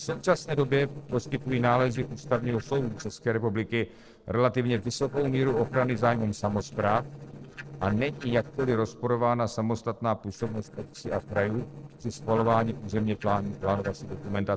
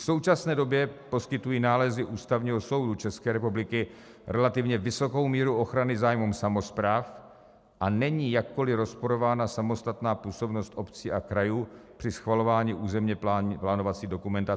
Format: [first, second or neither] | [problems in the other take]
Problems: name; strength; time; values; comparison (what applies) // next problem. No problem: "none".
second | noise reduction (neural separator model SepFormer DNS4)